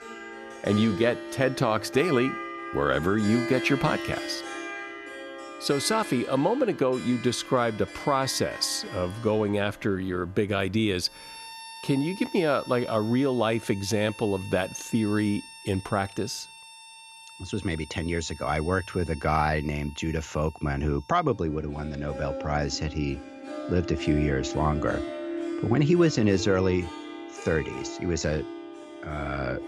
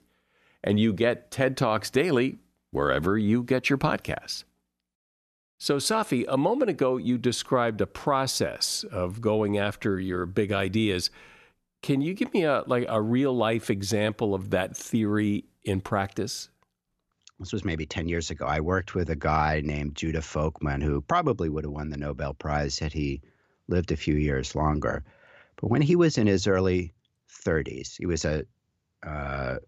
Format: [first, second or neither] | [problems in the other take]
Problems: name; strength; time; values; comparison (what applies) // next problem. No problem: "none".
second | background music; noticeable; throughout; 10 dB below the speech